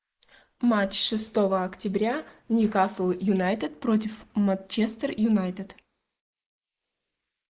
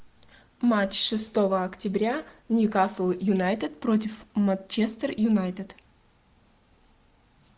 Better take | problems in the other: second | noise reduction (neural mask model Resemble Enhance denoiser)

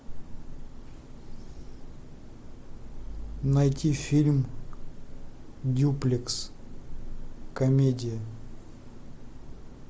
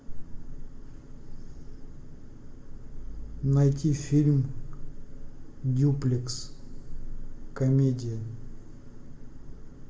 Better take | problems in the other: first | room echo; dies away in 0.6 s

